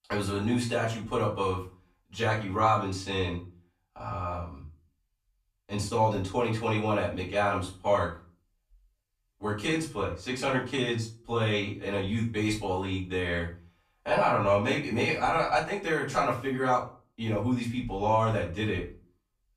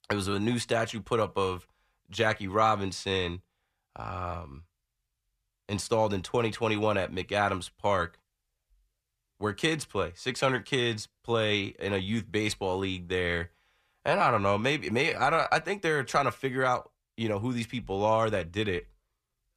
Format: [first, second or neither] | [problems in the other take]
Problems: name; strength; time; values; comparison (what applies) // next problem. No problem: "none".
second | off-mic speech; far // room echo; slight; dies away in 0.3 s